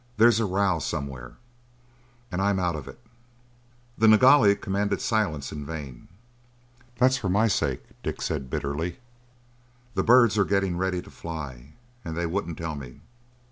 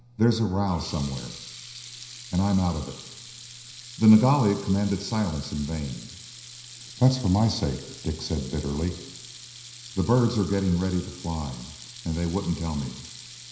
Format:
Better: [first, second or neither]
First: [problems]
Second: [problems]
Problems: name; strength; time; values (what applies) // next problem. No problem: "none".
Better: first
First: none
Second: background sound (Sink (filling or washing) / Water tap, faucet); 17 dB below the speech // room echo; dies away in 0.9 s